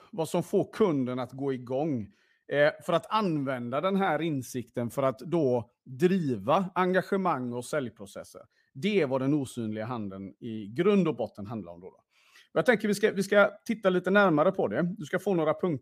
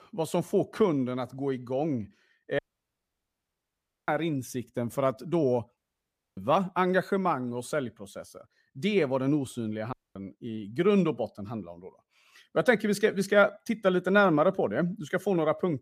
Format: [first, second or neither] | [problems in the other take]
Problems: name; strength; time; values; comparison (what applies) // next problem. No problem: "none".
first | audio cutting out; at 2.5 s for 1.5 s, at 6 s for 0.5 s and at 10 s